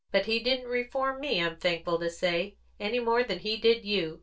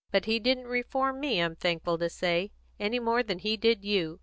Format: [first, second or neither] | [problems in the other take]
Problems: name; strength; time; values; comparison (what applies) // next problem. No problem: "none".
second | room echo; dies away in 0.2 s